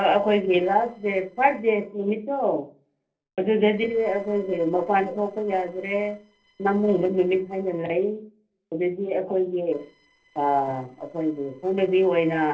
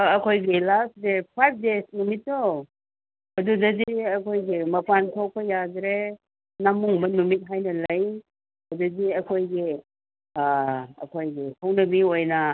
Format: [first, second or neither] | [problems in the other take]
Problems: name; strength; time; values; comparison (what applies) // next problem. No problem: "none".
second | noise reduction (neural separator model SepFormer DNS4)